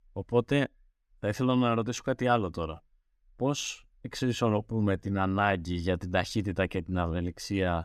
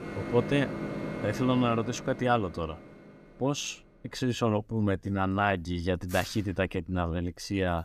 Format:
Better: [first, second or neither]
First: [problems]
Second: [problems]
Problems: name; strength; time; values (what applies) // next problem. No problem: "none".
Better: first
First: none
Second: household noises; loud; throughout; 9 dB below the speech